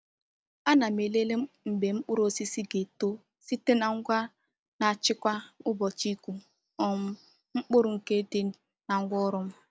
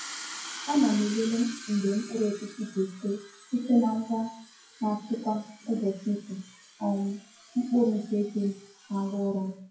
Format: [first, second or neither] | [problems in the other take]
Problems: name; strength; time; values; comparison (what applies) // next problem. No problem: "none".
first | noise reduction (classical method WPE with log-MMSE)